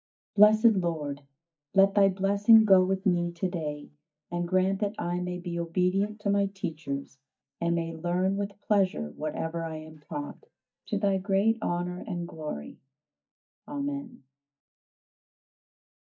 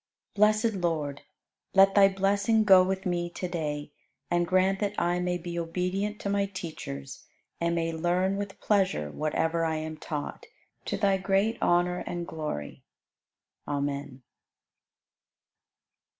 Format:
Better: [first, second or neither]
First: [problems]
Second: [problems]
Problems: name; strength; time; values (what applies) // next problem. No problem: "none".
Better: second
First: noise reduction (neural mask model DeepFilterNet 3)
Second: none